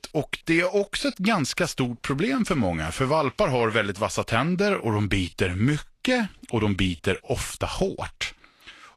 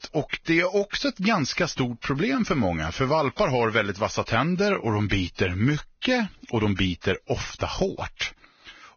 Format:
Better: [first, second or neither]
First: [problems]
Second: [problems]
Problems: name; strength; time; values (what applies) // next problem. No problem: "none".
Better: first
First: garbled, watery; slightly; nothing above 12 kHz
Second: garbled, watery; badly; nothing above 6.5 kHz